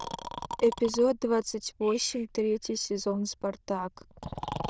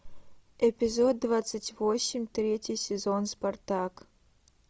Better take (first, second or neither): second